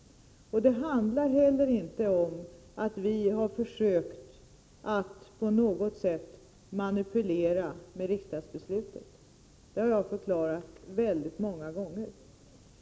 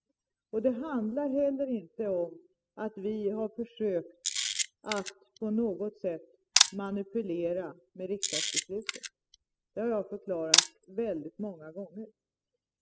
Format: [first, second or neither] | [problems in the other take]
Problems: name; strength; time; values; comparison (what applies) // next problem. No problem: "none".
first | noise reduction (classical method spectral subtraction)